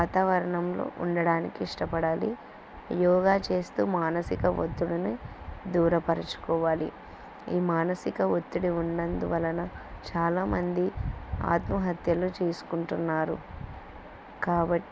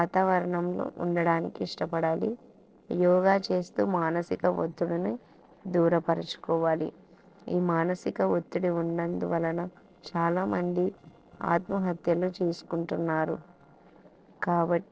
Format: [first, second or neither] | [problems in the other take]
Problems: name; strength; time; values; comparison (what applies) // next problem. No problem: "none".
first | noise reduction (neural separator model SepFormer DNS4)